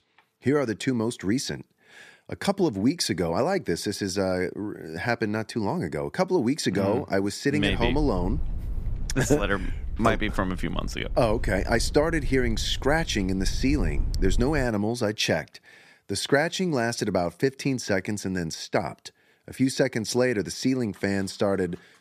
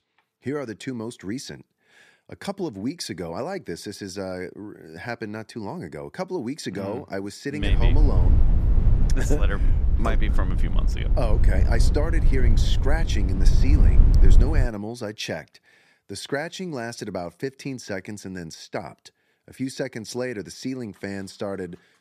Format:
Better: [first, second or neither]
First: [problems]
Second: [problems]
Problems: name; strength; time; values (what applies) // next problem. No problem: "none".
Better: first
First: low rumble; faint; from 7.5 to 15 s; 25 dB below the speech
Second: low rumble; loud; from 7.5 to 15 s; 6 dB below the speech